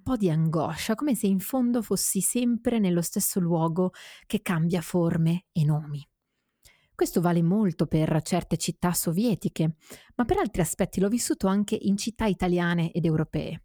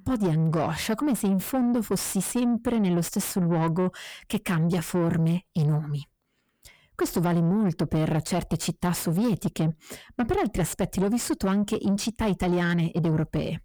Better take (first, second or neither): first